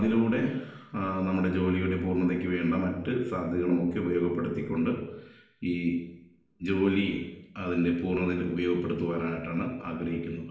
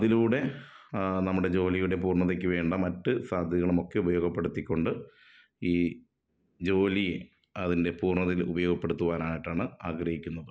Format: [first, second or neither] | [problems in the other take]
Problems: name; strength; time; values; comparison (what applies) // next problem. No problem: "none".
second | room echo; dies away in 0.9 s